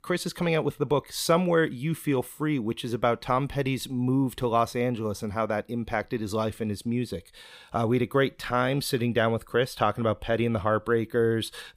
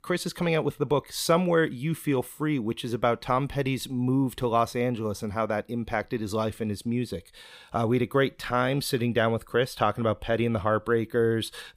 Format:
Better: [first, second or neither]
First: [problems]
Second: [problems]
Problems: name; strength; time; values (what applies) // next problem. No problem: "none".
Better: neither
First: none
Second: none